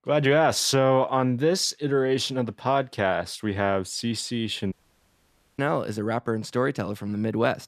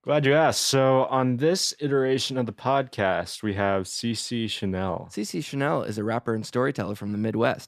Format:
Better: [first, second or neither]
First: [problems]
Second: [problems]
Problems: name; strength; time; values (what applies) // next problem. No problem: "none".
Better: second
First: audio cutting out; at 4.5 s for 1 s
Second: none